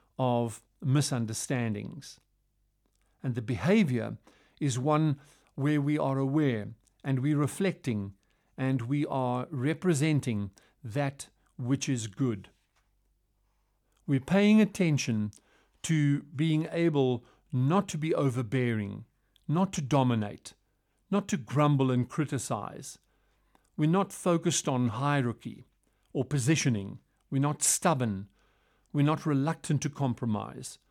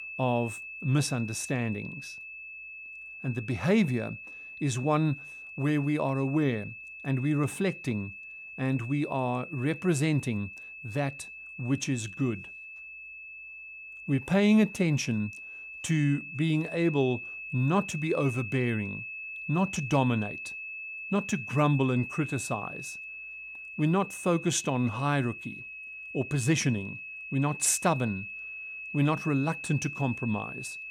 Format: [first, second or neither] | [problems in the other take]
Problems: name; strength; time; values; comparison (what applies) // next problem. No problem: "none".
first | high-pitched whine; noticeable; throughout; 2.5 kHz, 10 dB below the speech